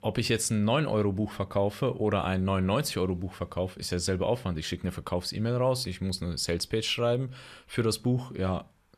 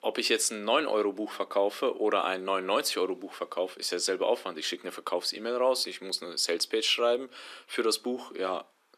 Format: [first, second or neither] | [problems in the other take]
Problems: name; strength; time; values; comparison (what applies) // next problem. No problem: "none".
first | thin; somewhat; fading below 300 Hz